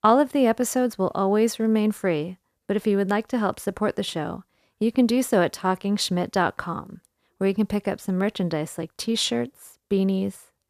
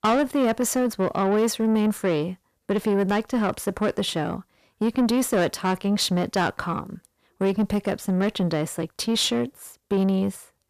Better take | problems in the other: first | distortion; slight; 10 dB below the speech

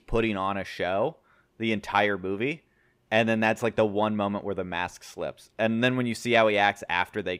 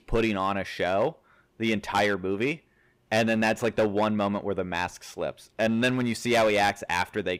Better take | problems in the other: first | distortion; slight; 6% of the sound clipped

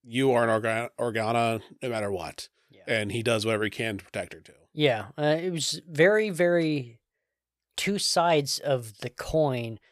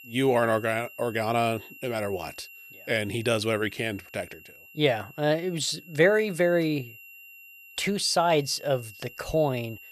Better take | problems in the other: first | high-pitched whine; noticeable; throughout; 2.5 kHz, 20 dB below the speech

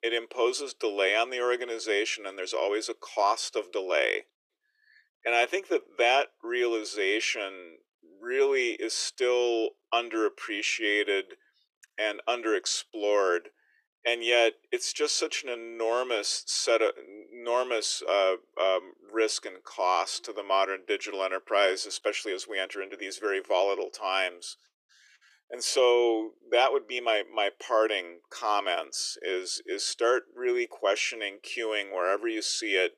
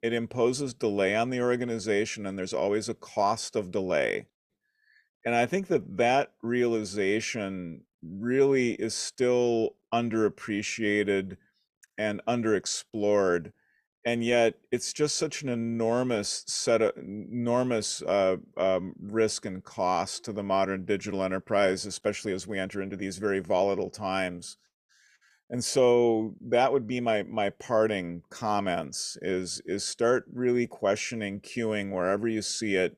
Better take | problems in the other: second | thin; very; fading below 350 Hz

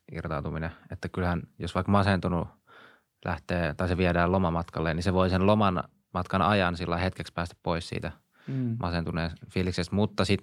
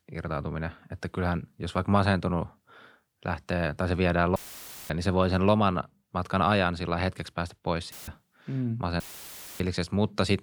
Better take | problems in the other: first | audio cutting out; filled with static; at 4.5 s for 0.5 s, at 8 s and at 9 s for 0.5 s

